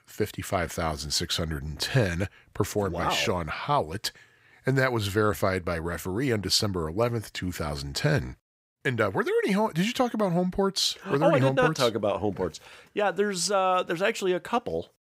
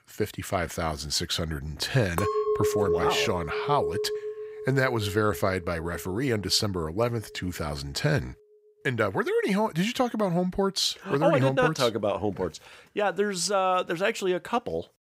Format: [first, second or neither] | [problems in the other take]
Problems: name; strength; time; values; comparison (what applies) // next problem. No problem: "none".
first | clattering dishes; loud; from 2 to 6.5 s; peak 2 dB above the speech